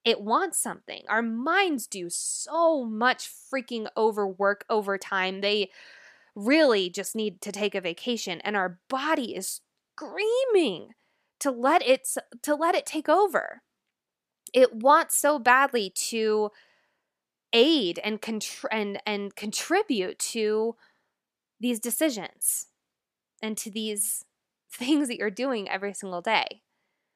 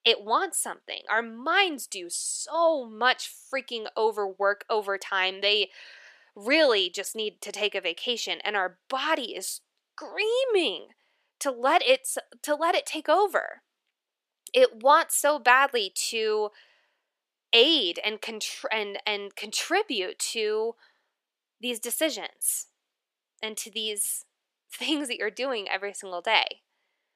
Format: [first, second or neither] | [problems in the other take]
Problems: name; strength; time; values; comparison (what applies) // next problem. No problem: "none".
first | thin; somewhat; fading below 450 Hz